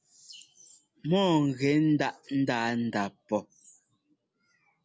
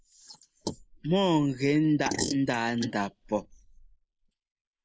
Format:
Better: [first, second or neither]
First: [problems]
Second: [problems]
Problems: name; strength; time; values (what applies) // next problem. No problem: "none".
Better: first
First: none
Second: noise reduction (neural mask model Resemble Enhance denoiser)